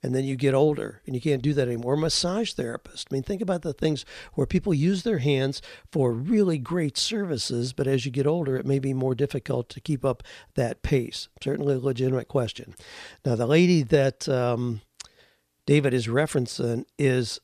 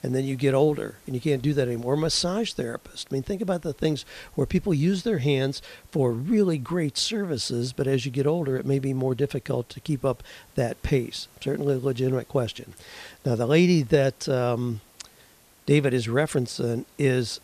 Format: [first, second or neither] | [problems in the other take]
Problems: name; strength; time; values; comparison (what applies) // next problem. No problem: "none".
first | hiss; faint; throughout; 30 dB below the speech